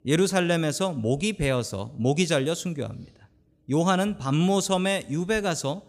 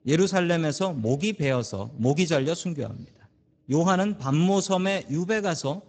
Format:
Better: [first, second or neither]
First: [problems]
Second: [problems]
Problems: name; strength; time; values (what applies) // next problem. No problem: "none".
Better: first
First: none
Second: garbled, watery; badly; nothing above 7.5 kHz